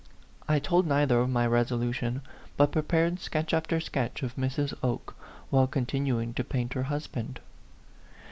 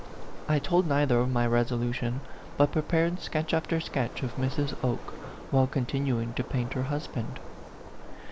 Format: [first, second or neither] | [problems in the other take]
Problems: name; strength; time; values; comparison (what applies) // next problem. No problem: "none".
first | background sound (Waves, surf); 9 dB below the speech